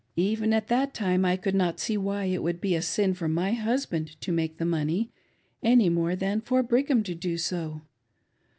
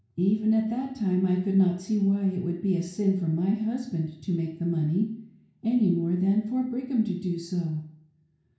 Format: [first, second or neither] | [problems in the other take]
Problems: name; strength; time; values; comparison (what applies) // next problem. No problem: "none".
first | room echo; dies away in 0.6 s